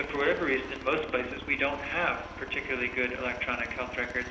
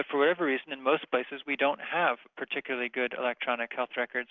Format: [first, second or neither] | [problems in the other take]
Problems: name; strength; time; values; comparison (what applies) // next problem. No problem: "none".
second | background sound (Aircraft); 12 dB below the speech // room echo; dies away in 1 s